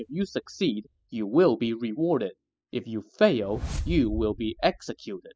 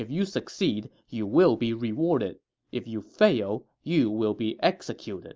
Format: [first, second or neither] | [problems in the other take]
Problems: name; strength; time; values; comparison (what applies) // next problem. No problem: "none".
second | noise reduction (classical method spectral subtraction)